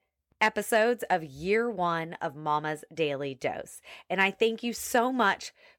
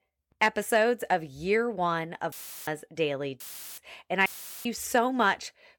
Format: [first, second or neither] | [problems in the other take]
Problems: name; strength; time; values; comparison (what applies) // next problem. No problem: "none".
first | audio cutting out; filled with static; at 2.5 s, at 3.5 s and at 4.5 s